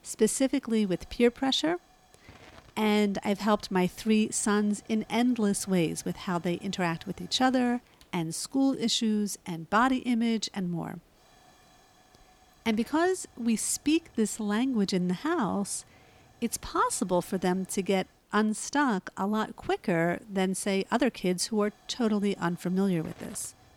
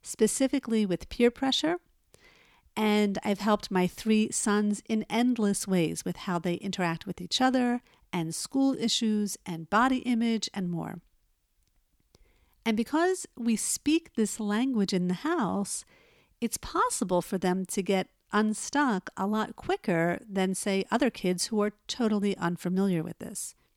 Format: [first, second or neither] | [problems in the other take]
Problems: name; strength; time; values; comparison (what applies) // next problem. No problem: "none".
second | hiss; faint; throughout; 30 dB below the speech